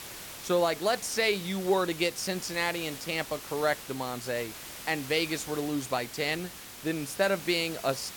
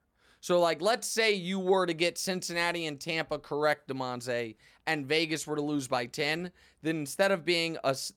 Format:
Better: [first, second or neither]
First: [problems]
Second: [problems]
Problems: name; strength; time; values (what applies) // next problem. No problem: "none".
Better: second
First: hiss; noticeable; throughout; 10 dB below the speech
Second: none